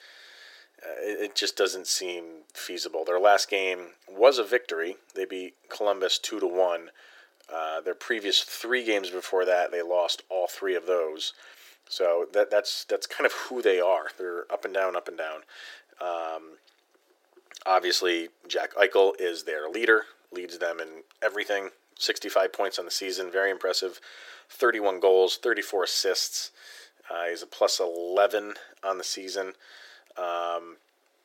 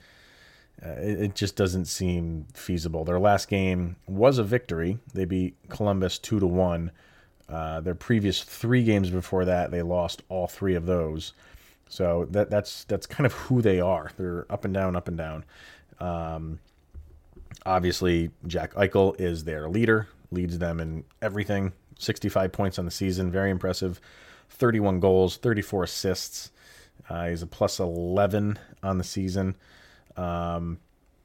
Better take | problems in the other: second | thin; very; fading below 350 Hz

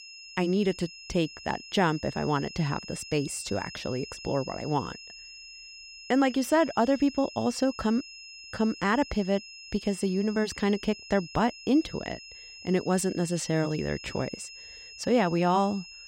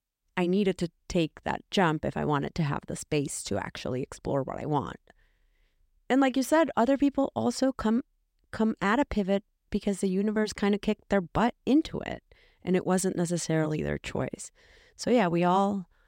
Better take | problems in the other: second | high-pitched whine; noticeable; throughout; 5 kHz, 15 dB below the speech

